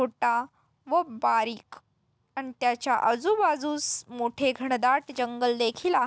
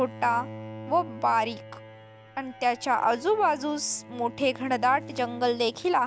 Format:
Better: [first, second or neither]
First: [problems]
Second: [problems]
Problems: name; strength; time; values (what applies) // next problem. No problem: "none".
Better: first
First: none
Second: background sound (Bowed string instrument); 16 dB below the speech